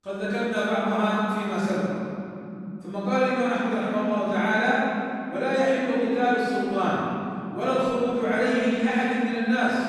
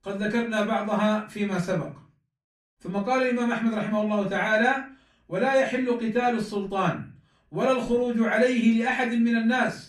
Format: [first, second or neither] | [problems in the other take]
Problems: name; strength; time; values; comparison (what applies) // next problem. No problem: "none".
second | room echo; strong; dies away in 3 s; slight in the second // off-mic speech; far; far in the second